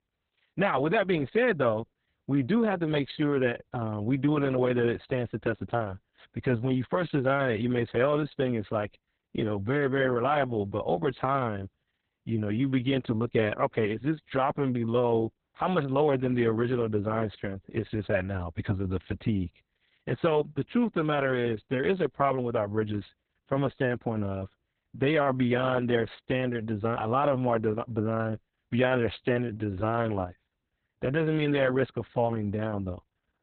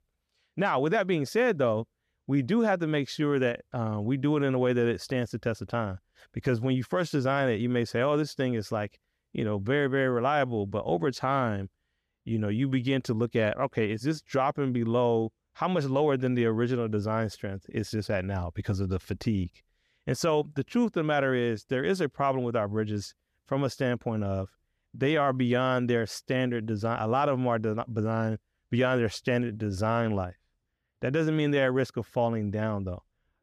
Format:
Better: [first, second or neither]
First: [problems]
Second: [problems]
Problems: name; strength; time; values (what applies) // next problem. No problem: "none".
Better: second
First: garbled, watery; badly; nothing above 4 kHz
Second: none